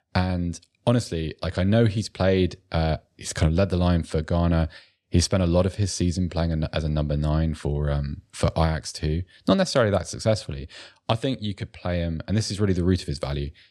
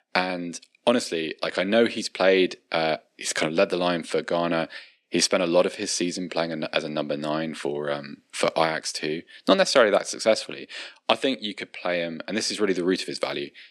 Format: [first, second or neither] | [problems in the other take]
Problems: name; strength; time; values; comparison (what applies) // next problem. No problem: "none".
first | thin; somewhat; fading below 250 Hz